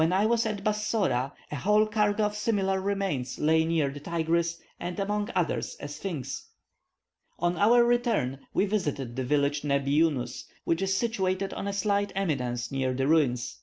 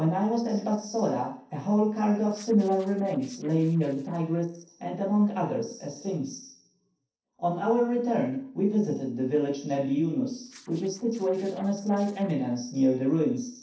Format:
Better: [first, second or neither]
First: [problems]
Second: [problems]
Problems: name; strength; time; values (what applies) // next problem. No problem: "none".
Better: first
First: none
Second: noise reduction (neural separator model SepFormer DNS4)